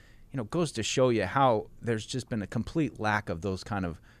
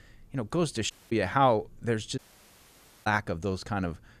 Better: first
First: none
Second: audio cutting out; at 1 s and at 2 s for 1 s

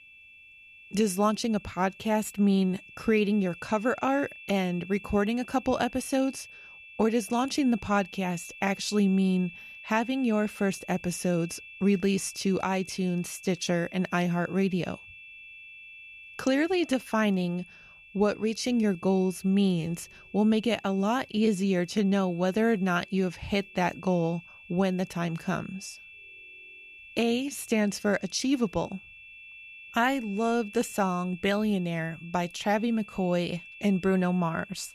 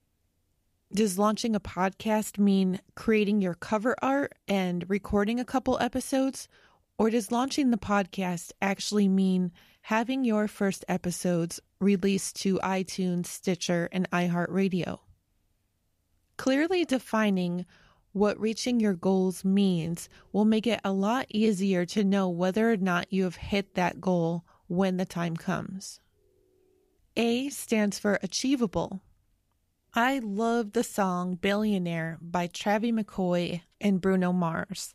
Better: second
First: high-pitched whine; noticeable; throughout; 2.5 kHz, 20 dB below the speech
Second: none

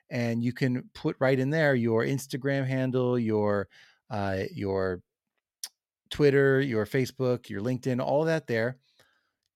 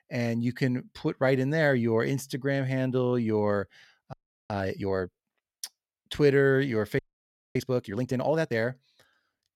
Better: first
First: none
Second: audio freezing; at 4 s and at 7 s for 0.5 s

